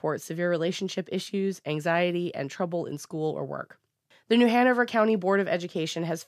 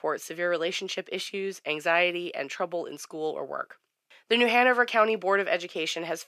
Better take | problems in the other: first | thin; somewhat; fading below 400 Hz

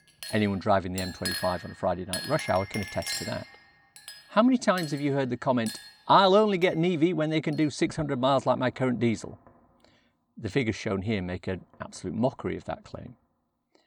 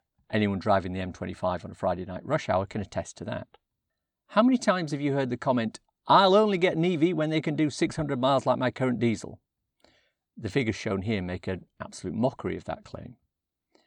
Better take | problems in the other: second | household noises; noticeable; throughout; 10 dB below the speech

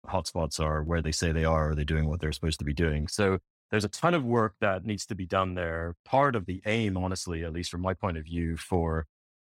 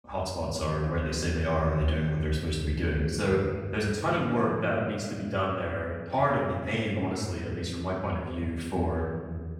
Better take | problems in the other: first | off-mic speech; far // room echo; noticeable; dies away in 1.9 s

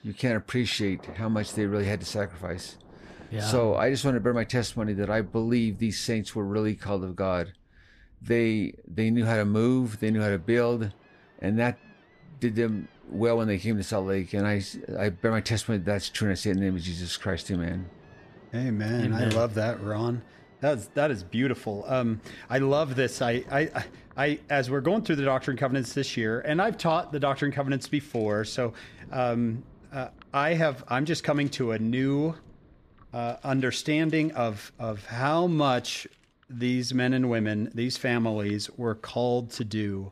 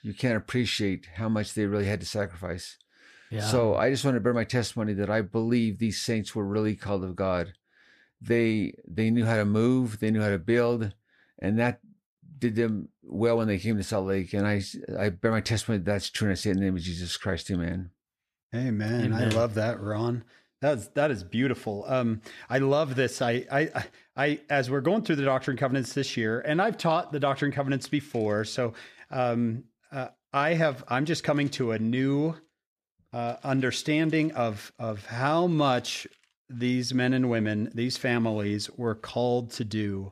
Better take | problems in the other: second | rain or running water; faint; throughout; 25 dB below the speech

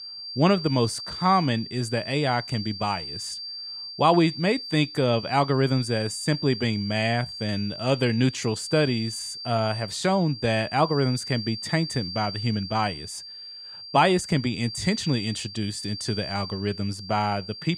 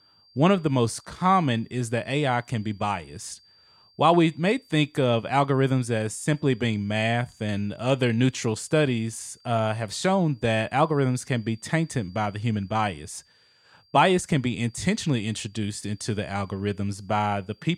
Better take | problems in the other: second | high-pitched whine; loud; throughout; 4.5 kHz, 9 dB below the speech; faint in the second

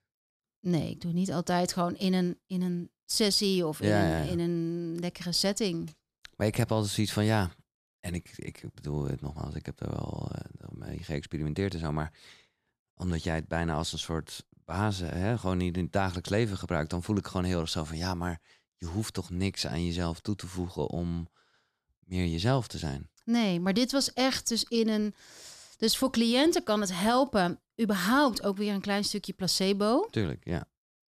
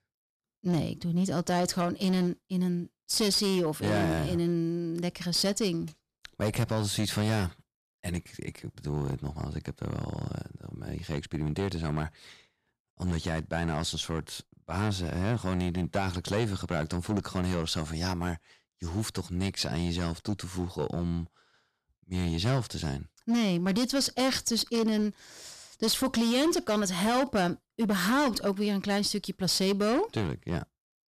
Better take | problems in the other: first | distortion; slight; 7% of the sound clipped

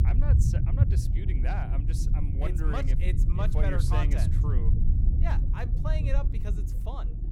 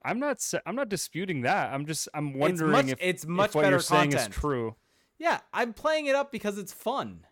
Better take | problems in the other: second | low rumble; loud; throughout; 3 dB below the speech

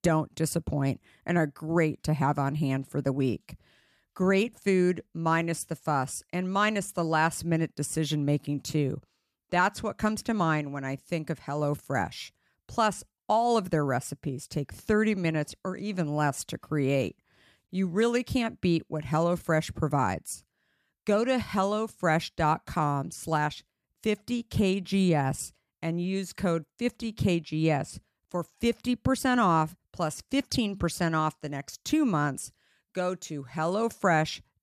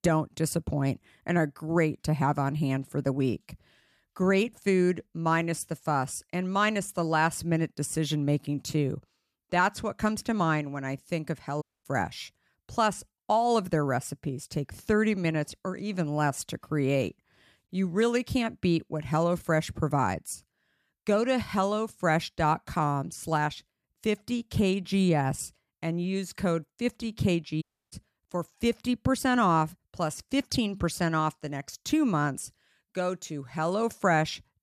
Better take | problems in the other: first | audio cutting out; at 12 s and at 28 s

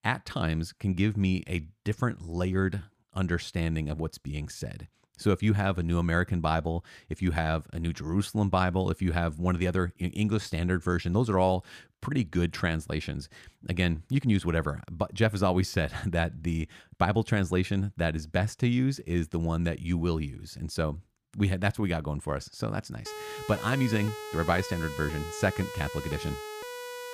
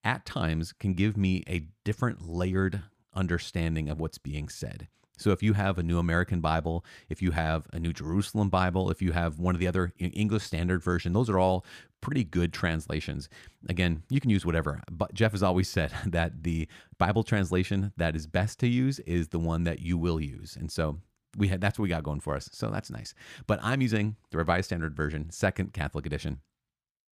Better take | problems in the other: second | siren; noticeable; from 23 s on; peak 9 dB below the speech

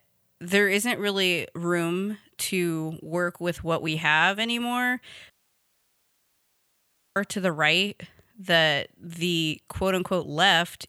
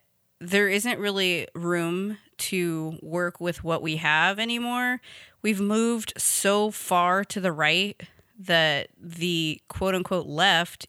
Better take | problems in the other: second | audio cutting out; at 5.5 s for 2 s

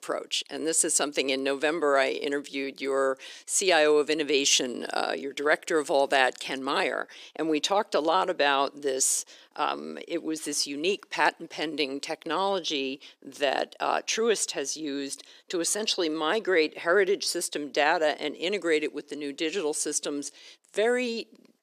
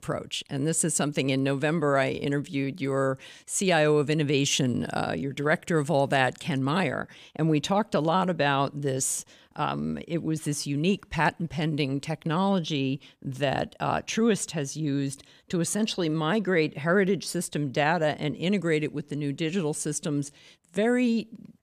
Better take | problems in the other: second | thin; somewhat; fading below 350 Hz

